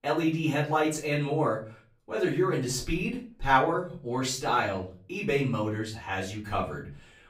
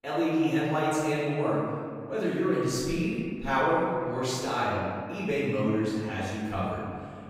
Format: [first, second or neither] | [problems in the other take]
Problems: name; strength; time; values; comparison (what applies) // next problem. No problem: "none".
first | room echo; strong; dies away in 2 s; slight in the first // off-mic speech; far; far in the first